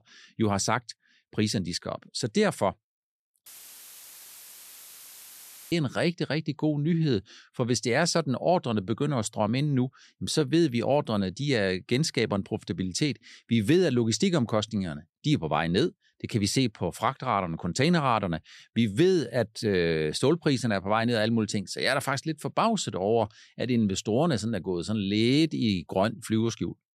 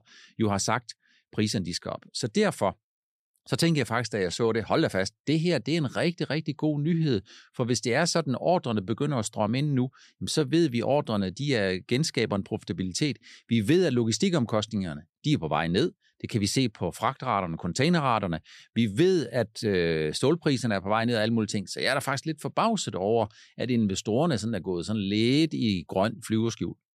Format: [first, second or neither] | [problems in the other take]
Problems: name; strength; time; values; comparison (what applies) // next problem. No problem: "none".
second | audio cutting out; filled with static; at 3.5 s for 2.5 s